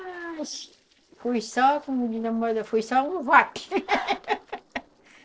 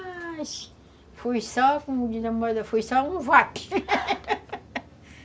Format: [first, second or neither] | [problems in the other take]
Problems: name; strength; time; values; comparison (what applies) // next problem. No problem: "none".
second | noise reduction (neural separator model SepFormer DNS4)